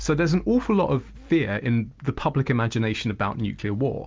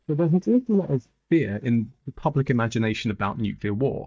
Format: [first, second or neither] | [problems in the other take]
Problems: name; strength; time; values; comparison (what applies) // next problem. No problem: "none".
first | noise reduction (neural mask model DeepFilterNet 3)